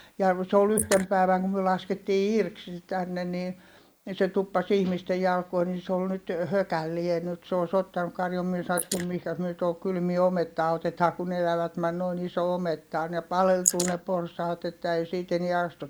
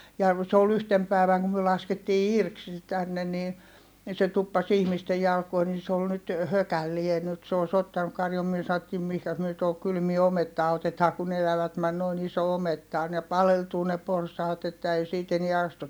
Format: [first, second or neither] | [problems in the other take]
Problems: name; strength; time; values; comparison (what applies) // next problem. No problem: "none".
second | noise reduction (neural mask model Resemble Enhance denoiser)